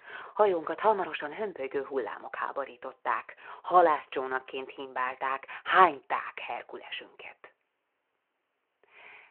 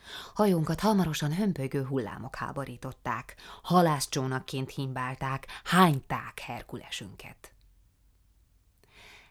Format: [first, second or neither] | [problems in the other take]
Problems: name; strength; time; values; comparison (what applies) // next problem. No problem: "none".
second | phone-call audio